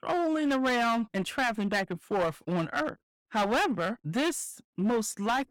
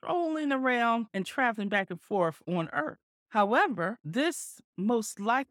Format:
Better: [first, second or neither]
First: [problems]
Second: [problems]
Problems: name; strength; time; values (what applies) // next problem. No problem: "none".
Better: second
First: distortion; heavy; 13% of the sound clipped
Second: none